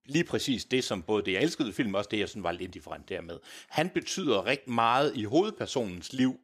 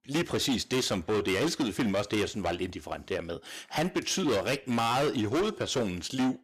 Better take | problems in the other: first | distortion; heavy; 17% of the sound clipped

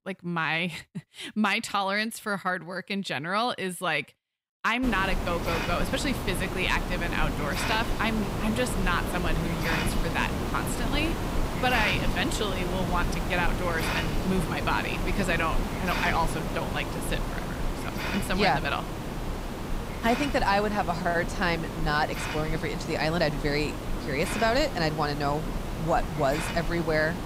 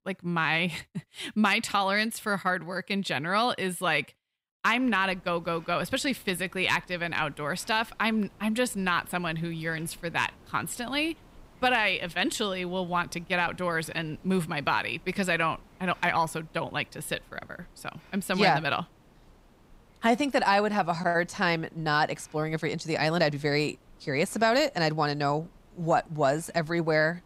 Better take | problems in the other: second | hiss; loud; from 5 s on; 3 dB below the speech; faint in the second

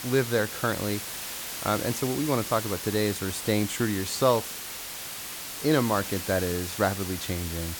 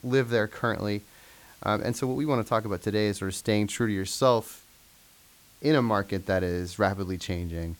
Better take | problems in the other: second | hiss; loud; throughout; 6 dB below the speech; faint in the second

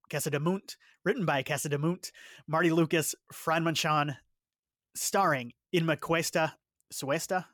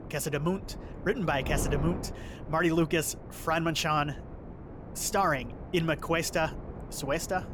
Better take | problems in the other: first | wind noise on the microphone; occasional gusts; 15 dB below the speech

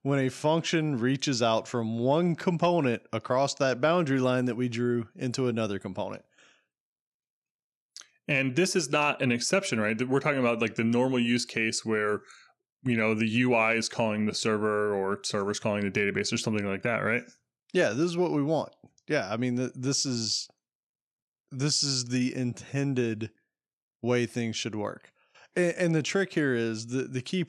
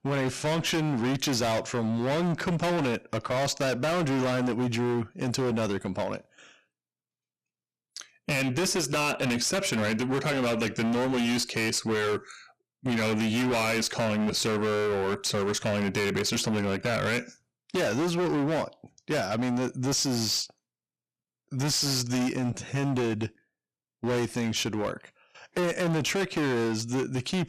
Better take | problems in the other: first | distortion; heavy; 29% of the sound clipped

